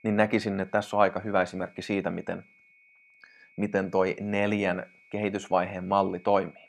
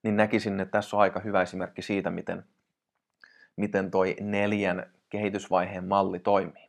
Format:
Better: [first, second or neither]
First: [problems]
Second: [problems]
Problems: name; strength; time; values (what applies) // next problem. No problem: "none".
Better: second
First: high-pitched whine; faint; throughout; 2 kHz, 30 dB below the speech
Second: none